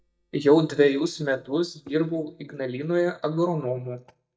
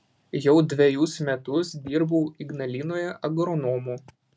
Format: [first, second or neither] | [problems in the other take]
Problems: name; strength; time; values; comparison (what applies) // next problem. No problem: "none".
second | noise reduction (neural mask model DeepFilterNet 3)